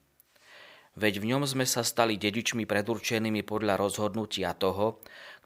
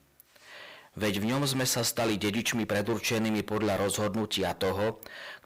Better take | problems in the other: first | distortion; heavy; 17% of the sound clipped

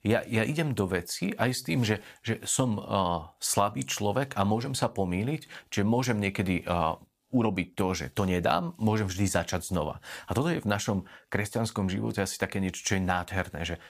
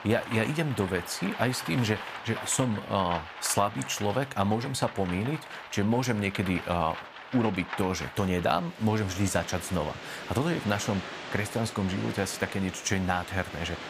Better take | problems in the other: first | rain or running water; noticeable; throughout; 10 dB below the speech

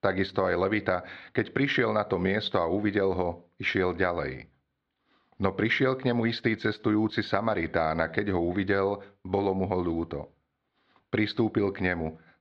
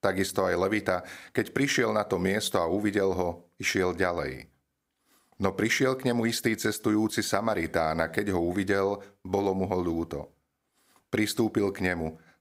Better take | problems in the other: second | muffled; slightly; fading above 4 kHz

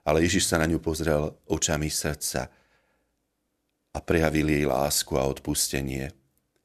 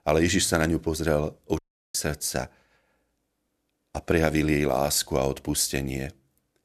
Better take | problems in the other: first | audio cutting out; at 1.5 s

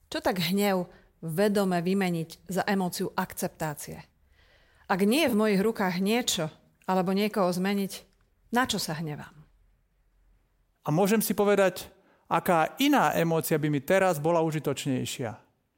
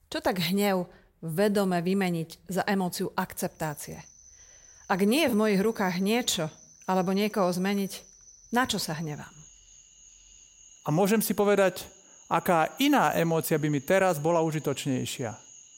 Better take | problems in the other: first | animal sounds; faint; from 3.5 s on; 25 dB below the speech

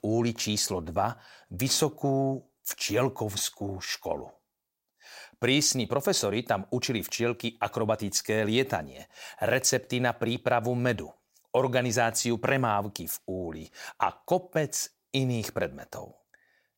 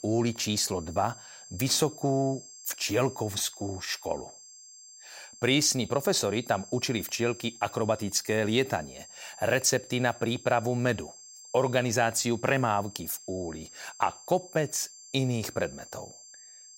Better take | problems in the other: first | high-pitched whine; noticeable; throughout; 7.5 kHz, 20 dB below the speech

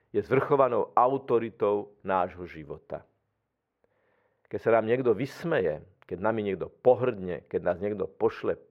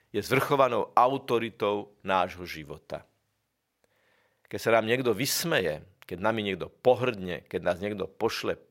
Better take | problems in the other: second | muffled; very; fading above 3 kHz

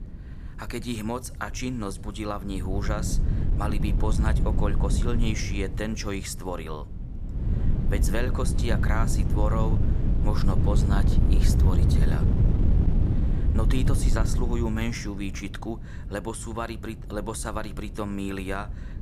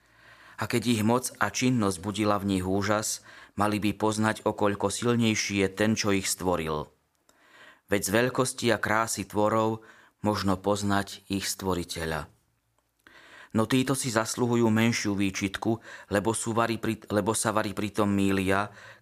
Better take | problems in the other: second | wind noise on the microphone; heavy; 4 dB below the speech

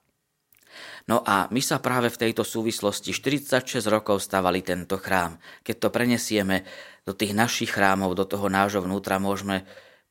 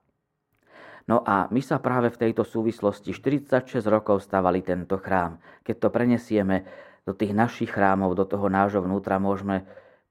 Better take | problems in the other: first | muffled; very; fading above 2.5 kHz

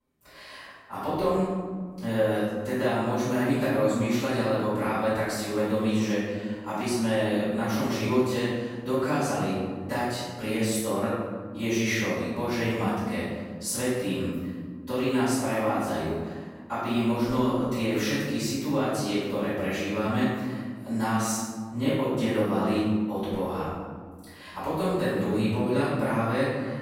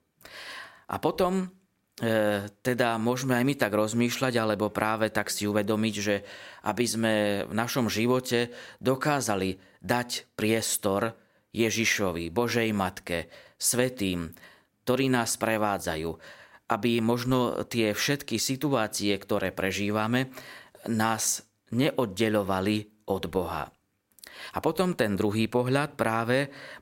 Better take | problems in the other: second | off-mic speech; far // room echo; strong; dies away in 1.8 s

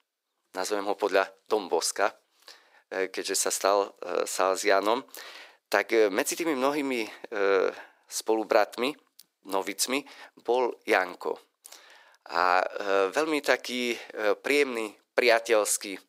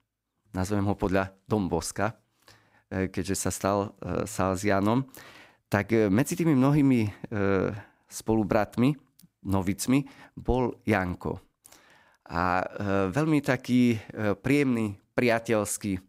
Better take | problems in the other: second | thin; very; fading below 400 Hz

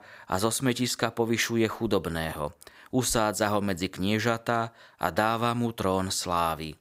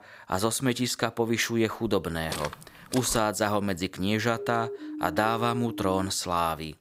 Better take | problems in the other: first | footsteps; noticeable; at 2.5 s; peak 8 dB below the speech // siren; noticeable; from 4.5 to 6 s; peak 8 dB below the speech

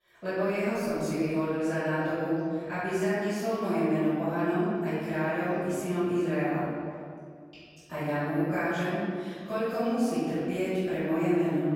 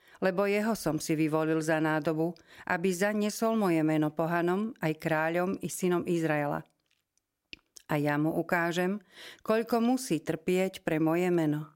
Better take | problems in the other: second | off-mic speech; far // room echo; strong; dies away in 2.1 s

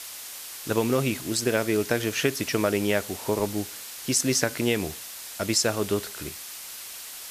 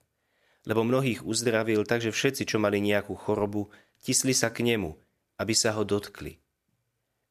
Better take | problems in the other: second | hiss; noticeable; throughout; 10 dB below the speech

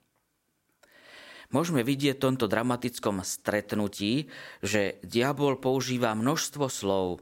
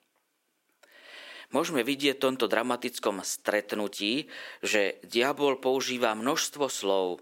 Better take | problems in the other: first | thin; very slightly; fading below 350 Hz

